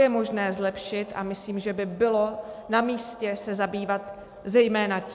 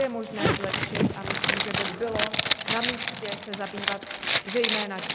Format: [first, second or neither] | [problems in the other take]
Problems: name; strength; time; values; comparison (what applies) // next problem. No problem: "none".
first | background sound (Zipper (clothing)); 4 dB above the speech